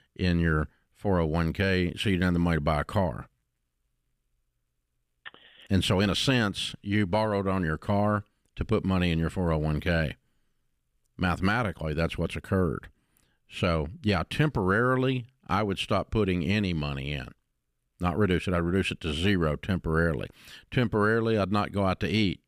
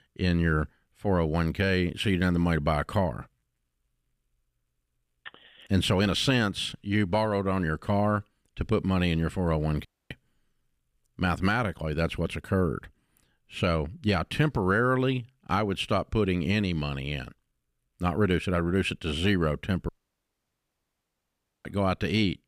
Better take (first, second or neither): first